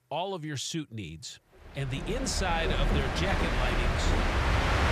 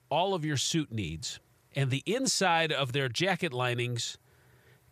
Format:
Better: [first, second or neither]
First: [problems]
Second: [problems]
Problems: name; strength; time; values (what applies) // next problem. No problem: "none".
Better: second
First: train or aircraft noise; very loud; from 2 s on; 4 dB above the speech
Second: none